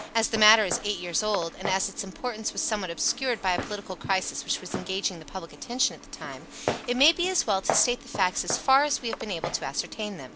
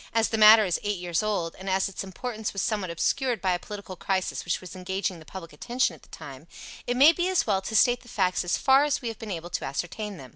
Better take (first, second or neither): second